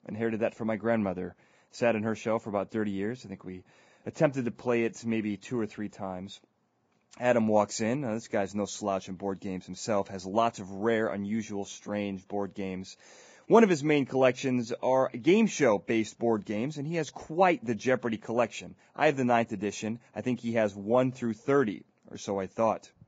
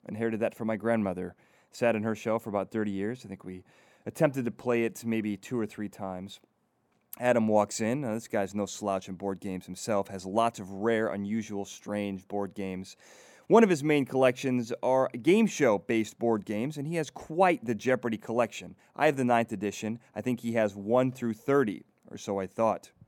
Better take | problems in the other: second | garbled, watery; badly; nothing above 7.5 kHz

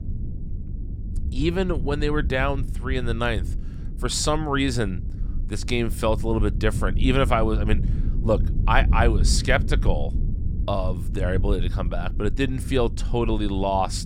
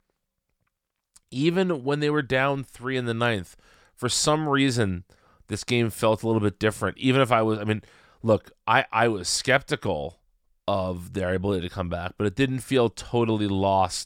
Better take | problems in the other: second | low rumble; noticeable; throughout; 15 dB below the speech

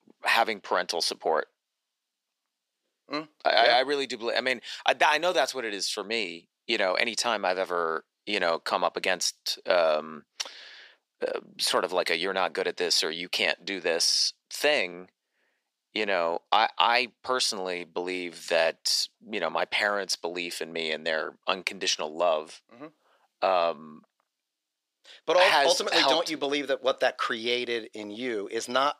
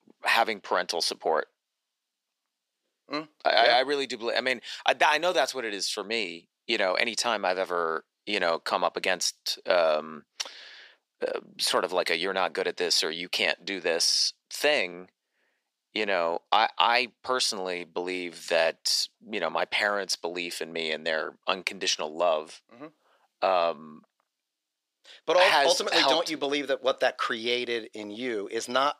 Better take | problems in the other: neither | thin; very; fading below 600 Hz; the same in both

